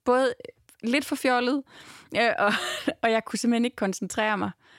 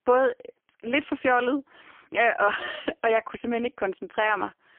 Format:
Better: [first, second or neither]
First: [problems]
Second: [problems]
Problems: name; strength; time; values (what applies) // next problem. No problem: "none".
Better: first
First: none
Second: phone-call audio; poor line; nothing above 3 kHz